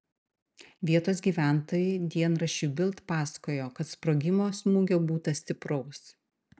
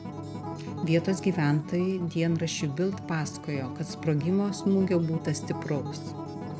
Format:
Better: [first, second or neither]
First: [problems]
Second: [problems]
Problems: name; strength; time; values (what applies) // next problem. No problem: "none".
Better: first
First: none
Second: background sound (Acoustic guitar); 9 dB below the speech